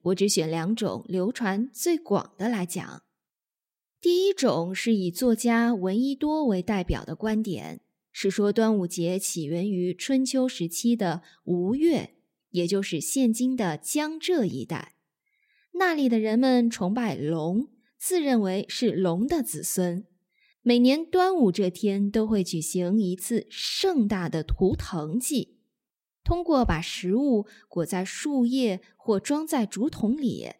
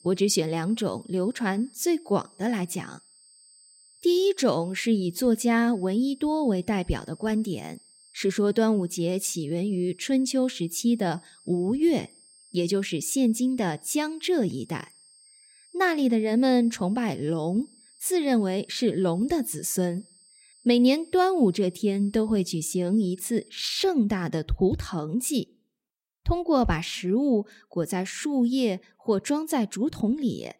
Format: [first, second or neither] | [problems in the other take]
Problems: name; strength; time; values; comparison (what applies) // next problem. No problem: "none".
first | high-pitched whine; faint; until 23 s; 8 kHz, 25 dB below the speech